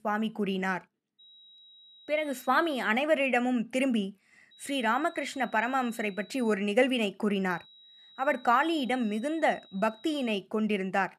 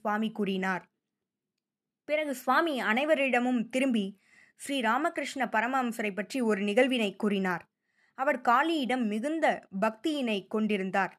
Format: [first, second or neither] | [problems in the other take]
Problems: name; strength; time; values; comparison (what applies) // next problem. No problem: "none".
second | high-pitched whine; faint; from 1 to 3 s, from 4.5 to 6.5 s and from 7.5 to 10 s; 4 kHz, 25 dB below the speech